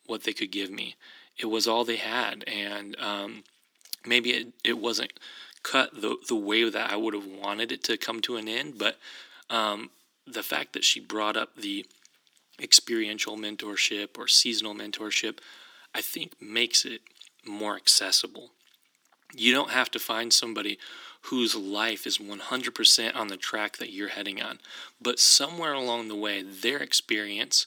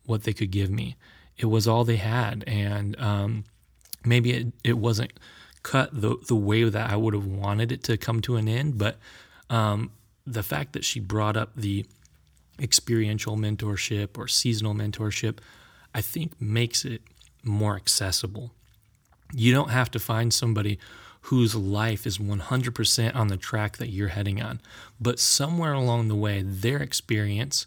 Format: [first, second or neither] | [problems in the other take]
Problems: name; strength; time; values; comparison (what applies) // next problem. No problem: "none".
second | thin; somewhat; fading below 250 Hz